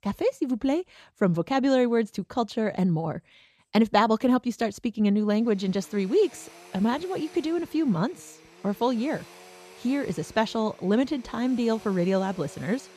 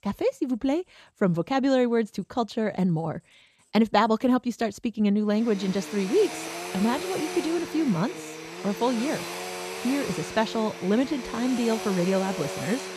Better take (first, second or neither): first